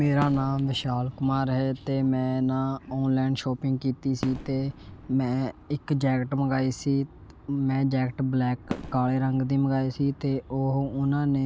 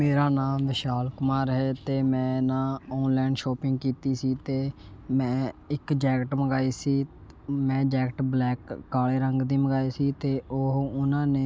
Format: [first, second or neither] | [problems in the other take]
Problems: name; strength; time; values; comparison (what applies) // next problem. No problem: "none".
second | background sound (Fireworks); 17 dB below the speech